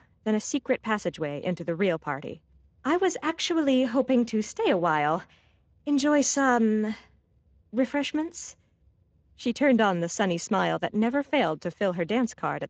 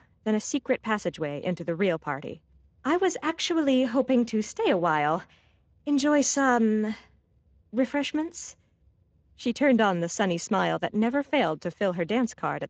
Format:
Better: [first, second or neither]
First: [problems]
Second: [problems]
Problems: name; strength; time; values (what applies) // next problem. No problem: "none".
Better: neither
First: garbled, watery; slightly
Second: garbled, watery; slightly